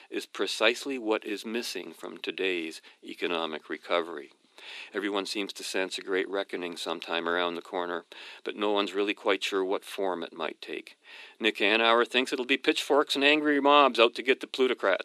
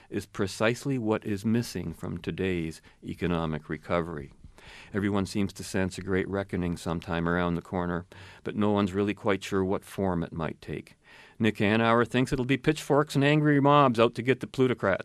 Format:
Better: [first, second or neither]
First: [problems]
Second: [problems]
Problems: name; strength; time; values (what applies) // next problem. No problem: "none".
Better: second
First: thin; somewhat; fading below 300 Hz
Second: none